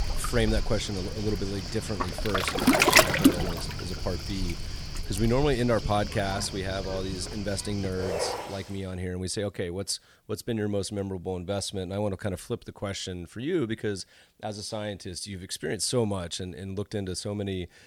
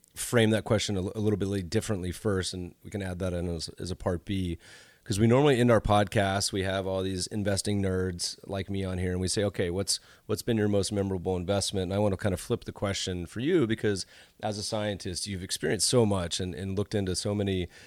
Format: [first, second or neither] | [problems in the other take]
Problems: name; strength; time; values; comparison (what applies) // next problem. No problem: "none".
second | rain or running water; very loud; until 8.5 s; 3 dB above the speech